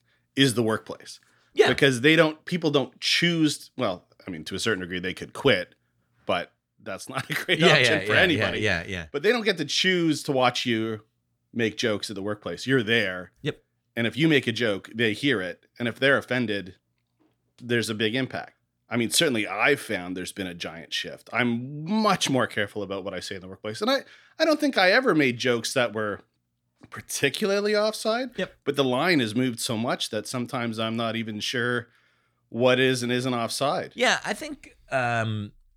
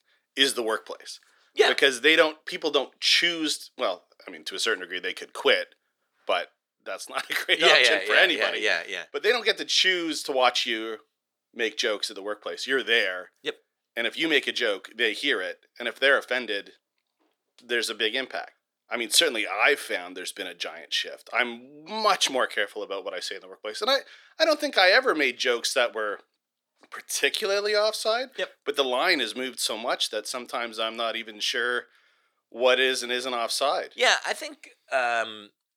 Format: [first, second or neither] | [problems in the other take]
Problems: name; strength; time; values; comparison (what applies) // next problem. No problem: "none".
first | thin; somewhat; fading below 400 Hz